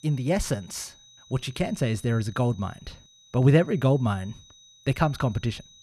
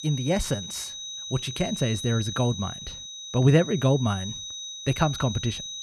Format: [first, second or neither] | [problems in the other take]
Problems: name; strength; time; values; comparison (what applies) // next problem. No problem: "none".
first | high-pitched whine; loud; throughout; 4 kHz, 8 dB below the speech; faint in the first